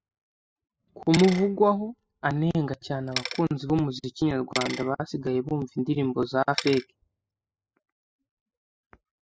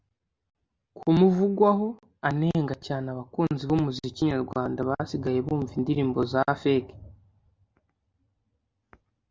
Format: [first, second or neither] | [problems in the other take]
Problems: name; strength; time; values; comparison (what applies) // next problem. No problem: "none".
second | noise reduction (classical method spectral subtraction)